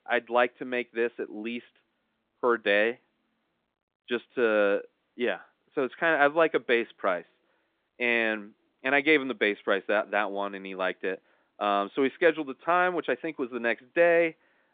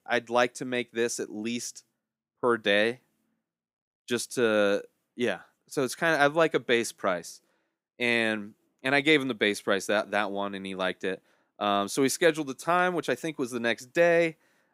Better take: second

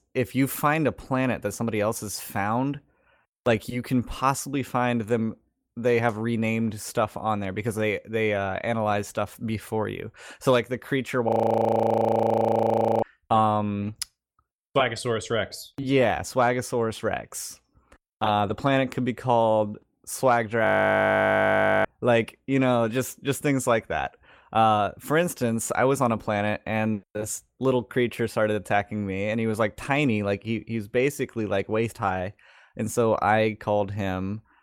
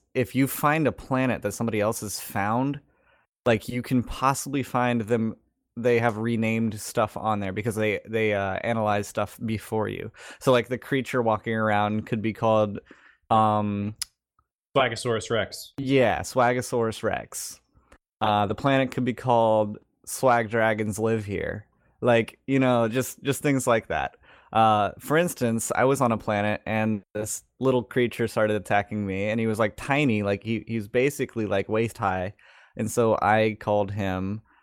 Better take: second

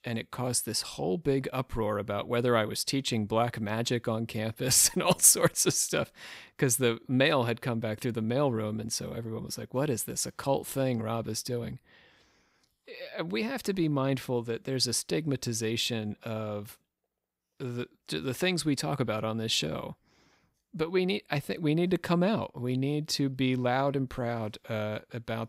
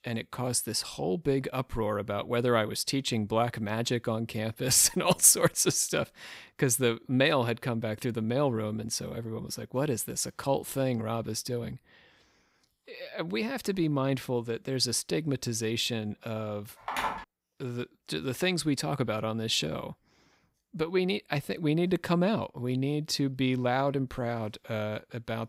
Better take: first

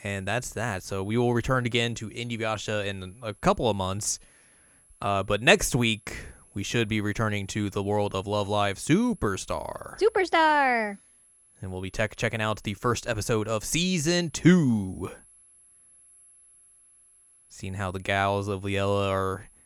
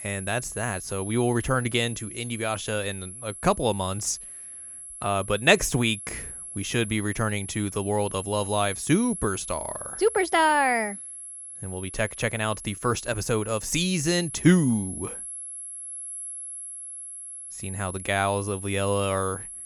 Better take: first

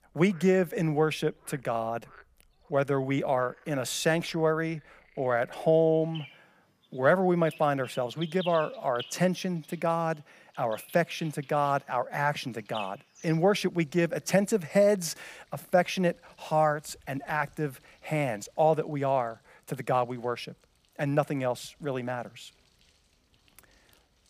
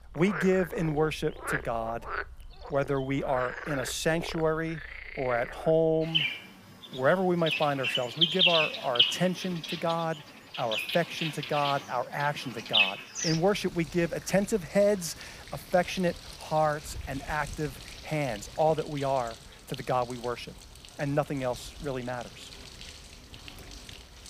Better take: first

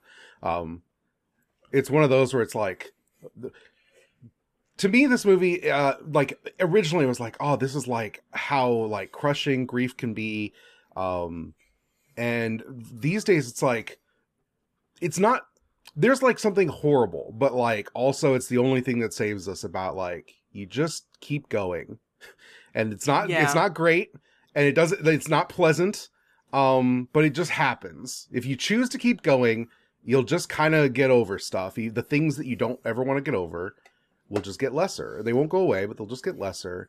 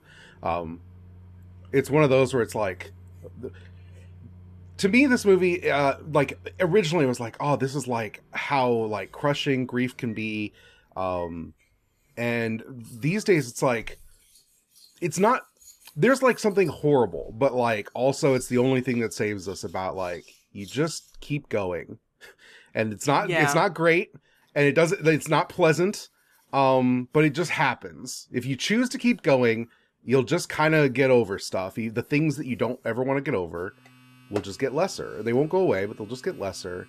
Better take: first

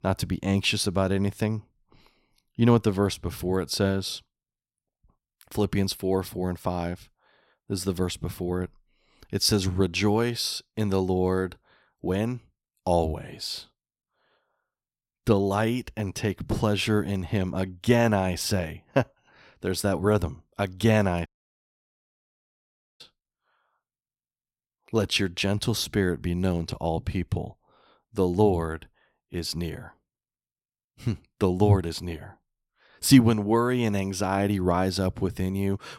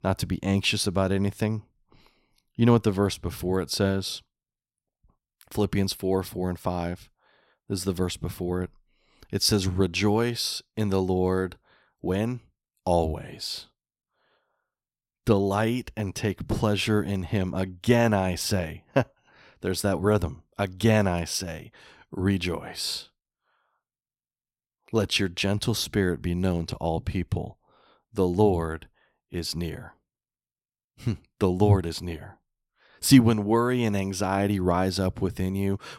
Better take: second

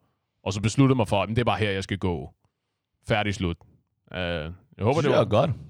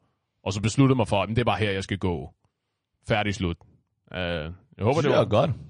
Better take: first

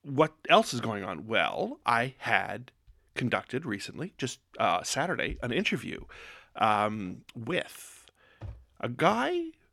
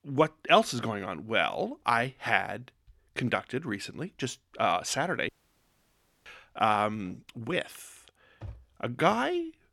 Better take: first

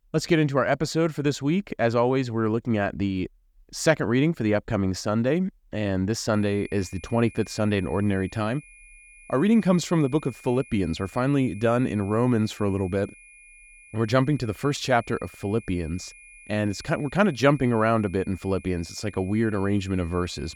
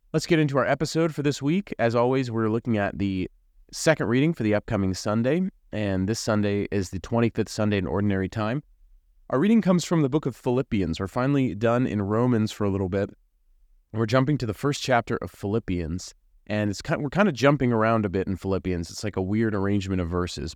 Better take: second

